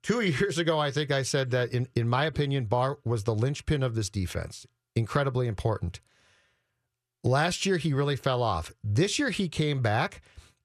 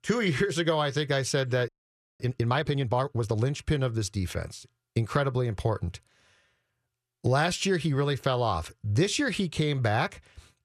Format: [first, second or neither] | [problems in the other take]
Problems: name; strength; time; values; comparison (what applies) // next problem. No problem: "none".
first | audio freezing; at 1.5 s for 0.5 s